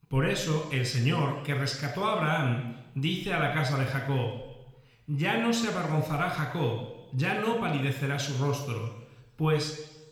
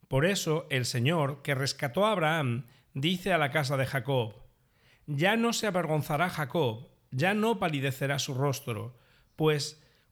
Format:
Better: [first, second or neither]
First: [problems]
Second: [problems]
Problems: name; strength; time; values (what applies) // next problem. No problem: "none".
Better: second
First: room echo; noticeable; dies away in 1 s // off-mic speech; somewhat distant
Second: none